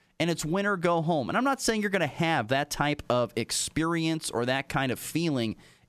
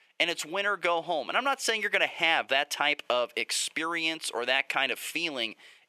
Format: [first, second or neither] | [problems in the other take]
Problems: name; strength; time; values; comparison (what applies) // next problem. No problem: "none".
first | thin; very; fading below 550 Hz